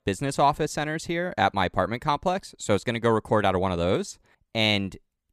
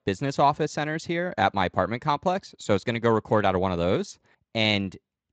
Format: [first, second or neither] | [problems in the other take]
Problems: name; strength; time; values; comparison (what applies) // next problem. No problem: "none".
first | garbled, watery; slightly; nothing above 7.5 kHz